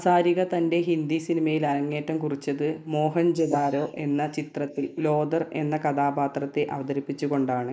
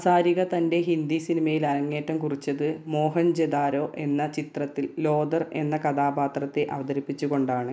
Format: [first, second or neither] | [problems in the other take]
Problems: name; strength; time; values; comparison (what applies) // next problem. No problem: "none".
second | noise reduction (neural mask model Resemble Enhance denoiser)